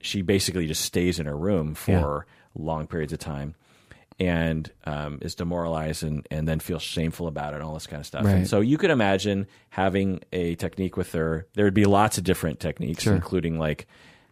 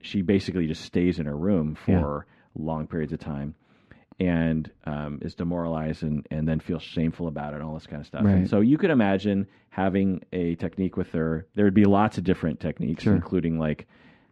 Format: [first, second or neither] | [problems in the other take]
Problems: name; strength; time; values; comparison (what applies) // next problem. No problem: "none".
first | muffled; slightly; fading above 3 kHz